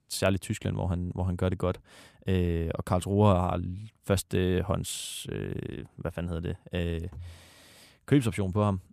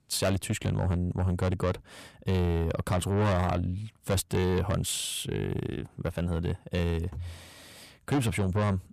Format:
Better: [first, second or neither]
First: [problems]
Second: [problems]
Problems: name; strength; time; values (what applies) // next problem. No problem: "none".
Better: first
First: none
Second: distortion; heavy; 7 dB below the speech